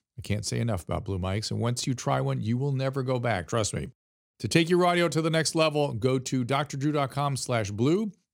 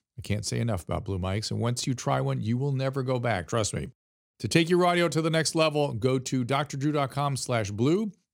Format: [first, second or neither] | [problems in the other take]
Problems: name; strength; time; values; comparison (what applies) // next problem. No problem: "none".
neither | none